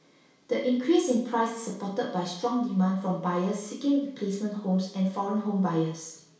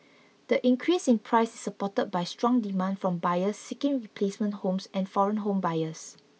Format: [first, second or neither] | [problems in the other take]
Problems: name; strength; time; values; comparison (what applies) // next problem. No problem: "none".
second | room echo; dies away in 0.6 s